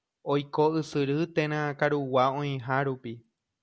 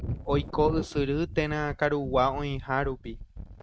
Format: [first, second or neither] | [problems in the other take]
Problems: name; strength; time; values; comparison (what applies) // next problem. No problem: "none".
first | noise reduction (neural mask model RNNoise)